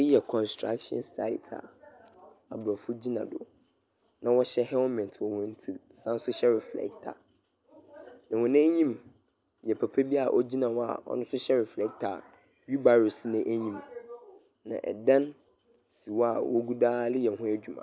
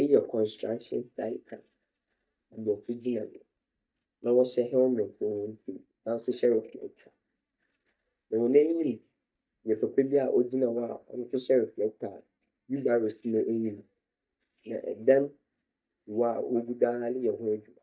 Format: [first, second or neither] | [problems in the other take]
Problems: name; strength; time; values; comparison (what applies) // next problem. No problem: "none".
first | noise reduction (neural mask model DeepFilterNet 3)